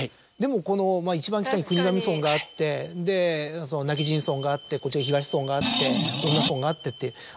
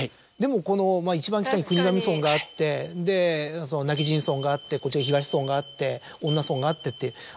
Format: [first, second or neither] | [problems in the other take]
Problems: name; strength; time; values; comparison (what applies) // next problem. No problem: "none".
second | background sound (Screech); as loud as the speech